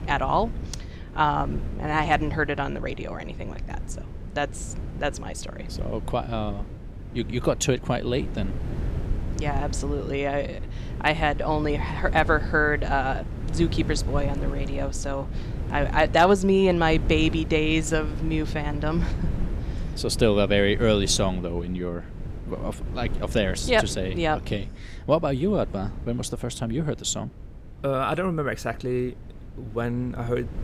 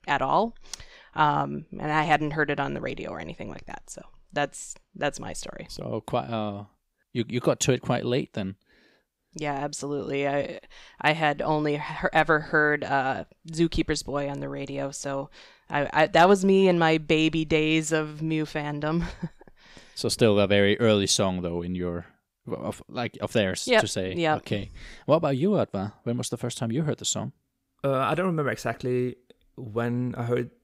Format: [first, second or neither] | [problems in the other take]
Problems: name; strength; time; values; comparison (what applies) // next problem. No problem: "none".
second | wind noise on the microphone; occasional gusts; 20 dB below the speech